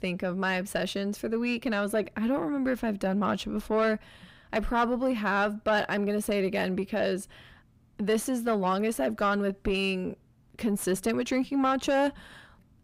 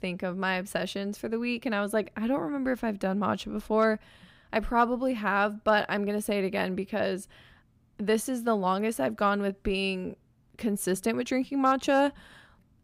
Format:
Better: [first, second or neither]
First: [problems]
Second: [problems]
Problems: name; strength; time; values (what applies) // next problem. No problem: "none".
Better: second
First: distortion; slight; 10 dB below the speech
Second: none